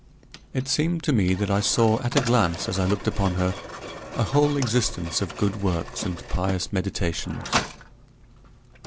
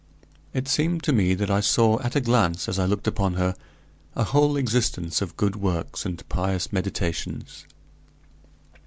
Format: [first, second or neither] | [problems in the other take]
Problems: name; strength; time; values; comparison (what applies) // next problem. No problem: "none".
second | background sound (Mechanisms); 11 dB below the speech